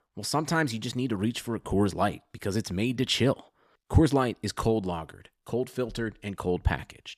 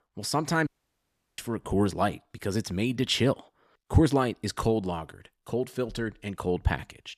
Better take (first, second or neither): first